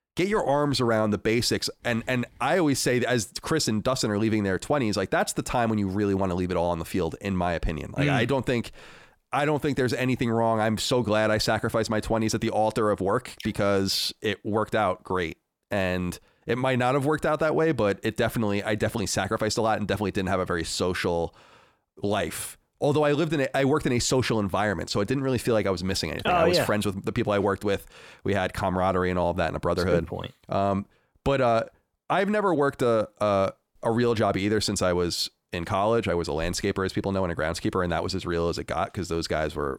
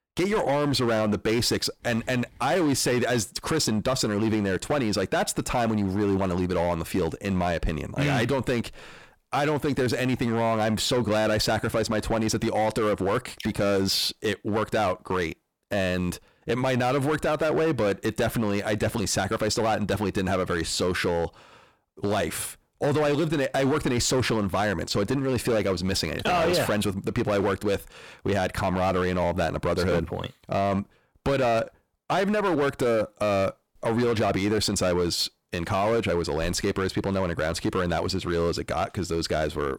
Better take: first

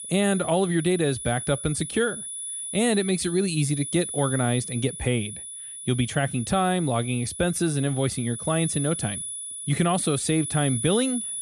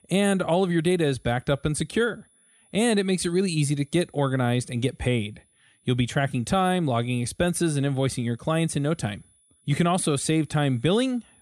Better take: second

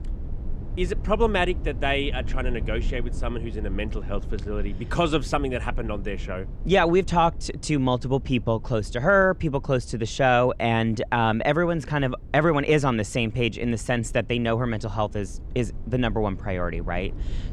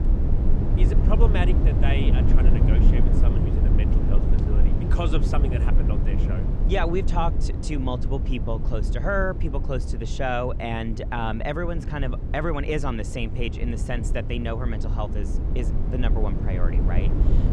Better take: first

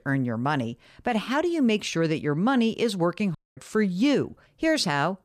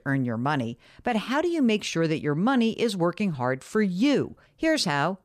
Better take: second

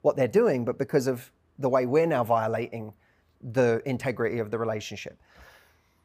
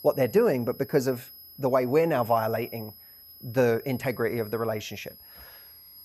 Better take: first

